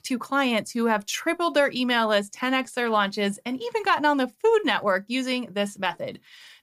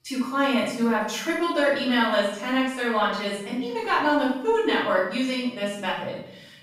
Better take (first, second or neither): first